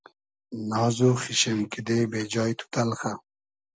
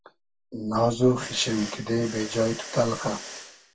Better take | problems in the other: first | background sound (Mechanisms); 15 dB below the speech // room echo; dies away in 0.1 s

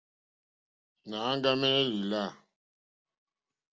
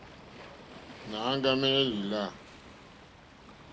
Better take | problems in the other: first | background sound (Waves, surf); 15 dB below the speech // room echo; dies away in 0.4 s

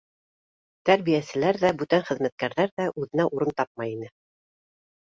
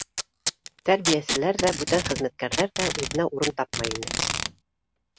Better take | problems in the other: first | background sound (Packing tape, duct tape); 3 dB below the speech

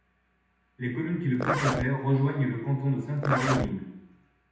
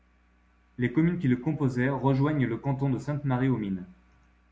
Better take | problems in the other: second | background sound (Zipper (clothing)); 4 dB below the speech // room echo; dies away in 0.9 s

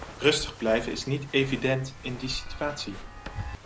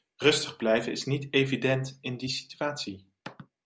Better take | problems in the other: second | background sound (Walk, footsteps + Chime); 11 dB below the speech

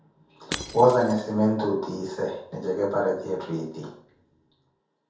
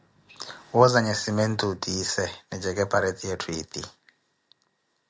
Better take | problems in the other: second | background sound (Shatter / Crushing); 13 dB below the speech // room echo; dies away in 0.6 s

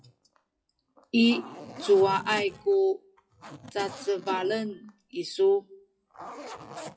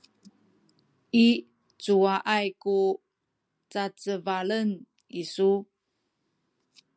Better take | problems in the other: second | noise reduction (classical method WPE with log-MMSE)

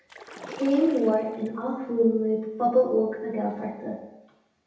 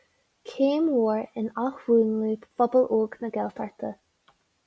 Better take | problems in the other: second | background sound (Splash, splatter); 18 dB below the speech // room echo; dies away in 0.9 s

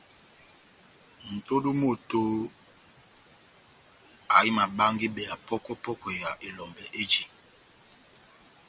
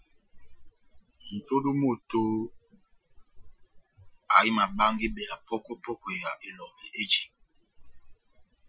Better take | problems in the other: first | noise reduction (classical method Wiener filter)

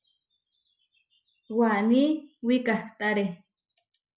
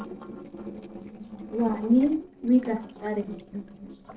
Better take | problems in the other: first | noise reduction (neural separator model SepFormer DNS4)

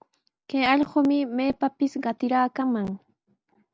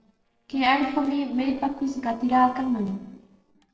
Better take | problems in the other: first | noise reduction (neural separator model SepFormer DNS4)

